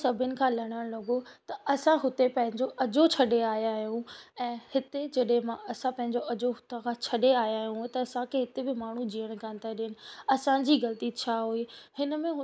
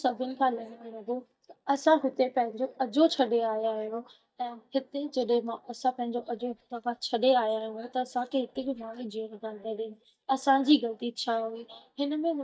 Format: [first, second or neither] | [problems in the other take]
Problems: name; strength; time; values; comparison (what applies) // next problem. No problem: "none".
first | noise reduction (neural mask model DeepFilterNet 3)